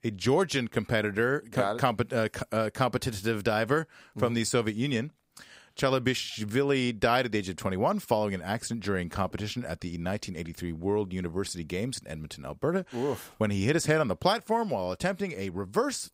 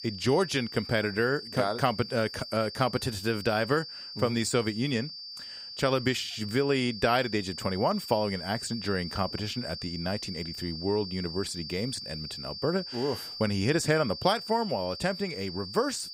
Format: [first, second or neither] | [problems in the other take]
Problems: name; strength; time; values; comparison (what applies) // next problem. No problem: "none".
first | high-pitched whine; loud; throughout; 4.5 kHz, 9 dB below the speech